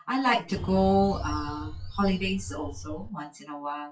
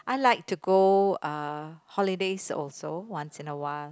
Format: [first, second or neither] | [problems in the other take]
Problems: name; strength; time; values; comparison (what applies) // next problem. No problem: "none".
second | noise reduction (classical method WPE with log-MMSE)